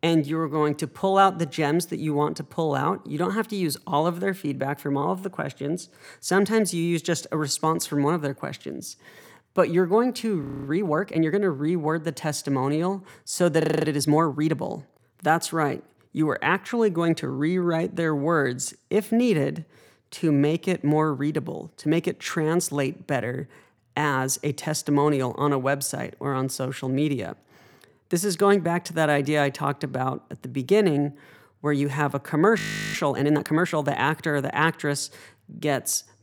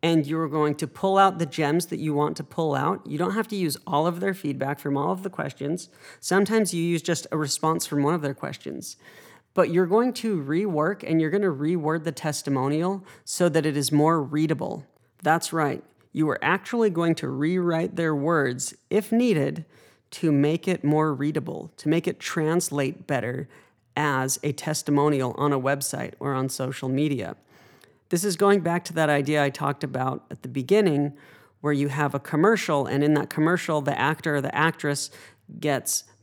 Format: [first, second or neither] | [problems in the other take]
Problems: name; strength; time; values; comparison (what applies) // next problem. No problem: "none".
second | audio freezing; at 10 s, at 14 s and at 33 s